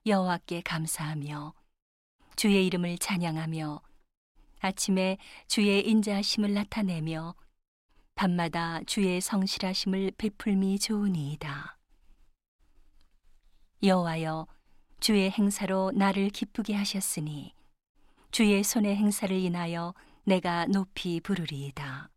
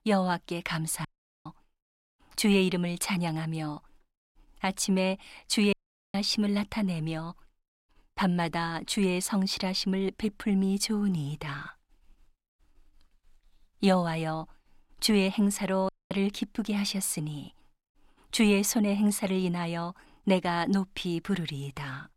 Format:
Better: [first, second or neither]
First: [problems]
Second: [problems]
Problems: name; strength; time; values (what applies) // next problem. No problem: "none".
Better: first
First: none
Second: audio cutting out; at 1 s, at 5.5 s and at 16 s